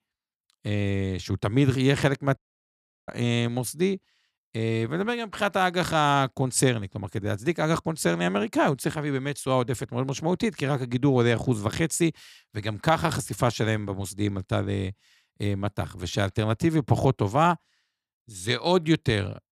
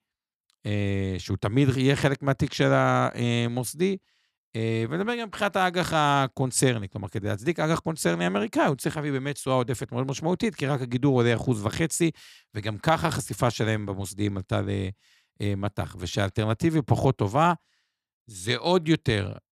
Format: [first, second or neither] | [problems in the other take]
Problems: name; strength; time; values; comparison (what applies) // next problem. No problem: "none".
second | audio cutting out; at 2.5 s for 0.5 s